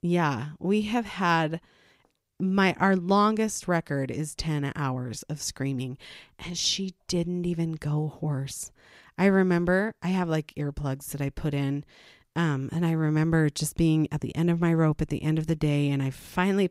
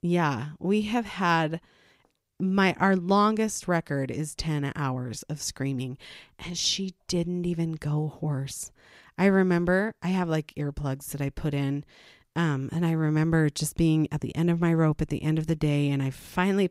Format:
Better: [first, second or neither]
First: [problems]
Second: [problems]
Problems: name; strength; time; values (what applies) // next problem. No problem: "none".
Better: neither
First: none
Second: none